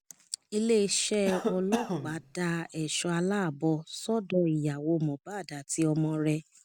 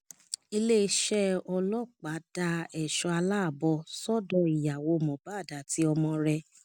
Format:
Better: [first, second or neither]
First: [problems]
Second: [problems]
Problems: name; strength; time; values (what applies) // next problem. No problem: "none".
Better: second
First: background sound (Cough); 7 dB below the speech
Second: none